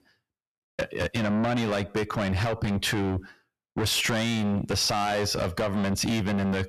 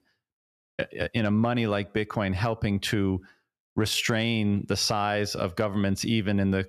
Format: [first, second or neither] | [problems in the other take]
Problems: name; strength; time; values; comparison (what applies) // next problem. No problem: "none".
second | distortion; heavy; 5 dB below the speech